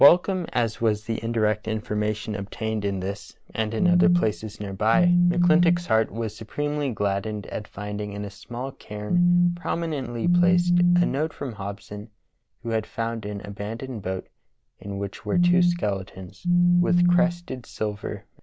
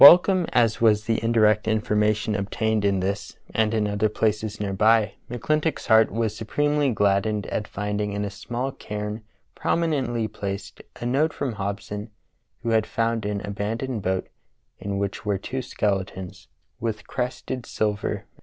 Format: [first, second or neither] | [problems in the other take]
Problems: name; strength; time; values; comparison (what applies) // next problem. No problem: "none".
second | background sound (Telephone); 5 dB above the speech